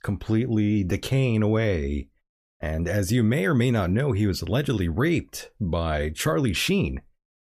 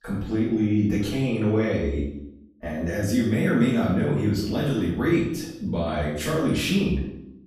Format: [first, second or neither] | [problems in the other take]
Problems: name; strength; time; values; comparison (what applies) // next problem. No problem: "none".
first | room echo; noticeable; dies away in 0.7 s // off-mic speech; far